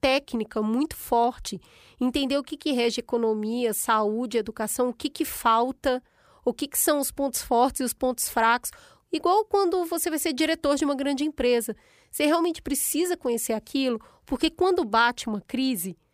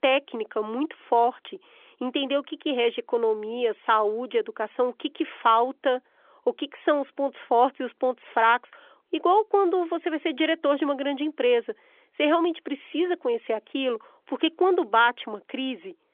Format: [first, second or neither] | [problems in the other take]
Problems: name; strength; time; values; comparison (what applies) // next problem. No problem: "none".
first | phone-call audio; nothing above 3.5 kHz